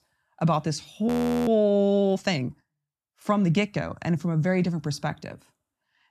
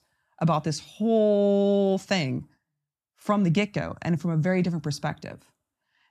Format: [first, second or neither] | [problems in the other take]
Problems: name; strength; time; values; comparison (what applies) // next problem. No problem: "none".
second | audio freezing; at 1 s